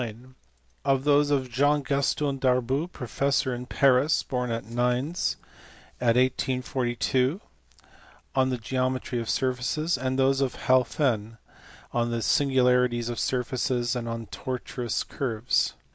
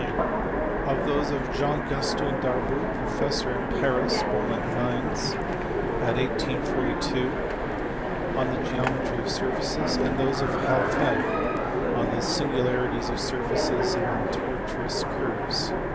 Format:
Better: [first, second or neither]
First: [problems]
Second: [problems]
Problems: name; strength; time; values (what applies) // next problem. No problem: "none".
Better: first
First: none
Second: background sound (Train); 4 dB above the speech